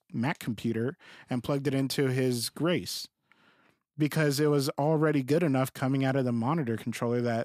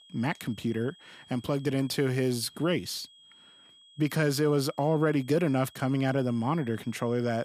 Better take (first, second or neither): first